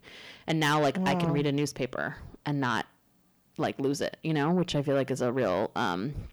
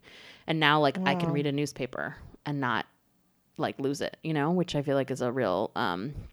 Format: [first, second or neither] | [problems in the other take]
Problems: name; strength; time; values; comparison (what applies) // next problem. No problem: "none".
second | distortion; slight; 10 dB below the speech